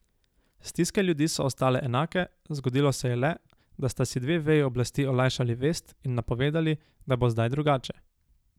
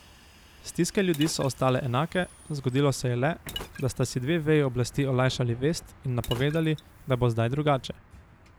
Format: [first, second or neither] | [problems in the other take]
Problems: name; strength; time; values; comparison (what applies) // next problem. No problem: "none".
first | background sound (Liquid + Bus); 19 dB below the speech